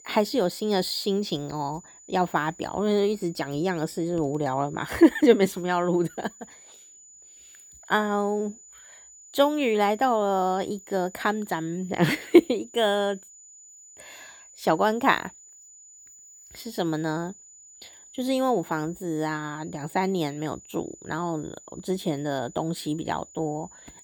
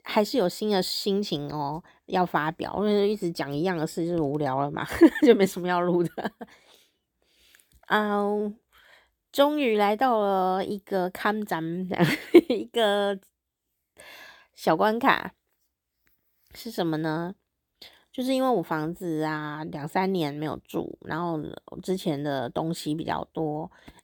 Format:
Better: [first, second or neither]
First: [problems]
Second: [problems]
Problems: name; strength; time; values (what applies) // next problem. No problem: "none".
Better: second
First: high-pitched whine; faint; throughout; 7 kHz, 20 dB below the speech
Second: none